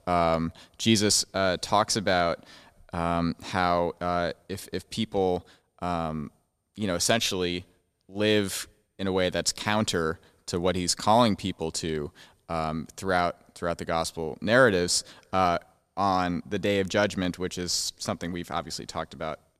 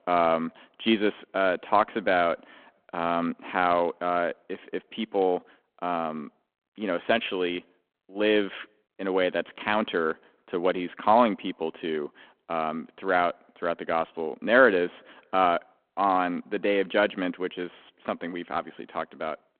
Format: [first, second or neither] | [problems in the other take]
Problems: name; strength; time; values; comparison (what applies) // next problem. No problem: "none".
first | phone-call audio